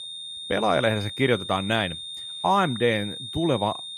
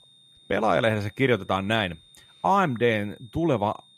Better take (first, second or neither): second